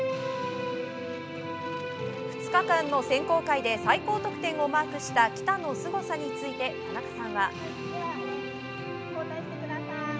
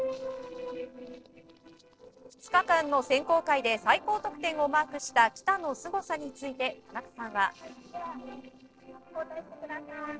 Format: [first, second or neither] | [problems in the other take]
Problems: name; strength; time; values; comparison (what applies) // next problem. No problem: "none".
first | noise reduction (neural separator model SepFormer DNS4)